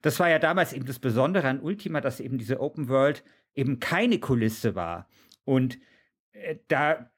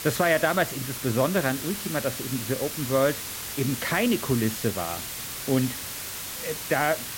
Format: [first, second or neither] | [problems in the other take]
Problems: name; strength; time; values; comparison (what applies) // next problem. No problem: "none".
first | hiss; loud; throughout; 6 dB below the speech